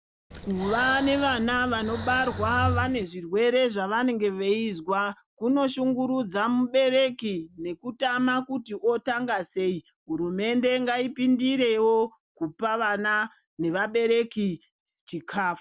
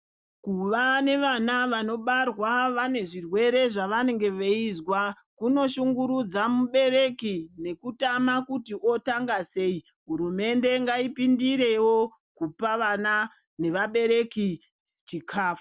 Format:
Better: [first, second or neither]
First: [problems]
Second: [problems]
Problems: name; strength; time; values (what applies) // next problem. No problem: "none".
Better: second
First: background sound (Breathing); 8 dB below the speech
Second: none